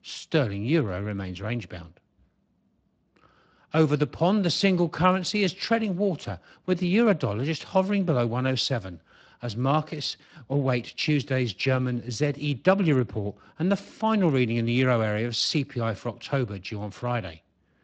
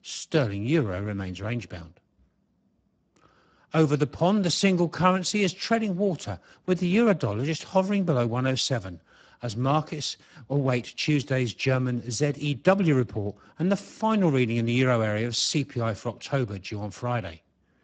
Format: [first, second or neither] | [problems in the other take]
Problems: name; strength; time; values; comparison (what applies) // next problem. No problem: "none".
first | garbled, watery; badly; nothing above 7.5 kHz; slightly in the first